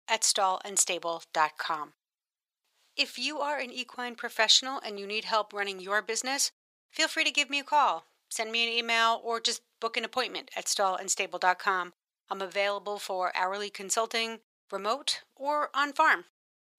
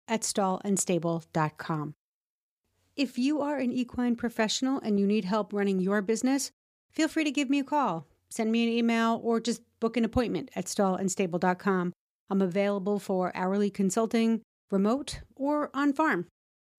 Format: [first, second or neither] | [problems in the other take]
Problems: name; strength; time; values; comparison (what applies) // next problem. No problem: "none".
second | thin; very; fading below 900 Hz